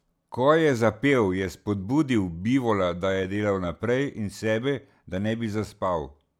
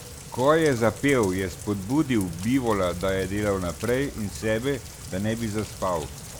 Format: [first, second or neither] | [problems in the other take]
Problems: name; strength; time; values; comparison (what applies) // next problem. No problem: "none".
first | background sound (Rain); 13 dB below the speech